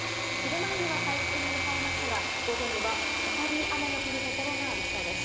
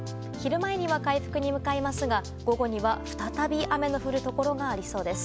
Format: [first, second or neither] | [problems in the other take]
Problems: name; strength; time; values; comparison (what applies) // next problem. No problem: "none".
second | background sound (Engine / Mechanisms); 4 dB above the speech // room echo; dies away in 2.6 s